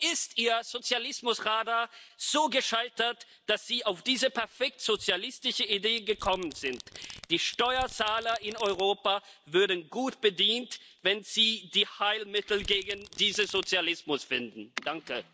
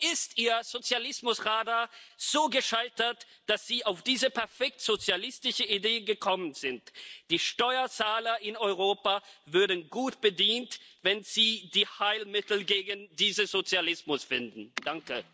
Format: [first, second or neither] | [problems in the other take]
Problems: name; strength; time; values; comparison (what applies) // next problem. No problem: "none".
second | background sound (Domestic sounds, home sounds); 18 dB below the speech